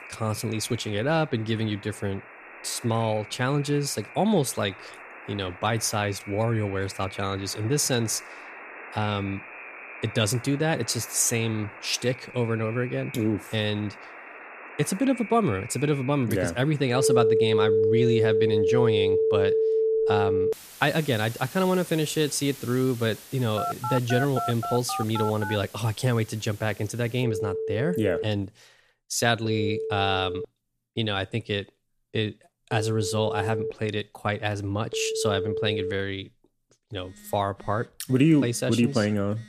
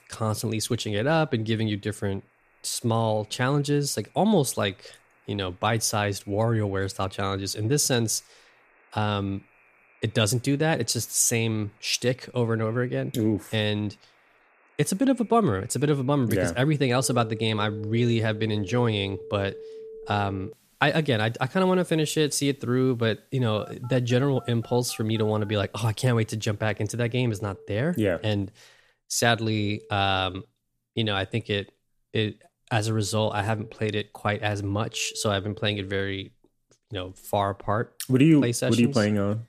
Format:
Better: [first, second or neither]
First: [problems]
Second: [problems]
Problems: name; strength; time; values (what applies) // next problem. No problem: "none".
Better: second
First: alarms or sirens; loud; throughout; 3 dB below the speech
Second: alarms or sirens; faint; throughout; 20 dB below the speech